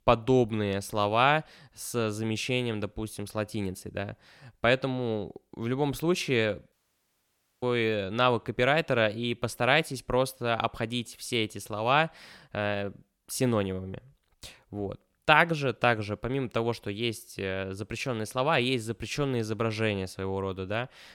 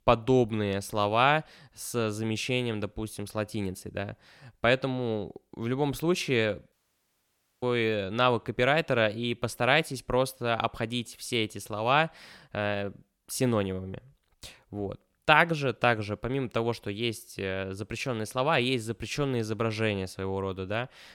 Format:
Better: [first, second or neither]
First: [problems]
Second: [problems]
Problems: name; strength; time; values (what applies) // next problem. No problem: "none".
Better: neither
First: audio cutting out; at 6.5 s for 1 s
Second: audio cutting out; at 6.5 s for 1 s